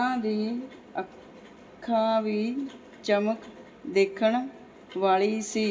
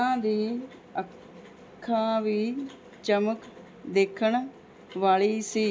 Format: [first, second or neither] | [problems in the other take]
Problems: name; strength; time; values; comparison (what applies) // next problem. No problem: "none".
second | room echo; dies away in 1 s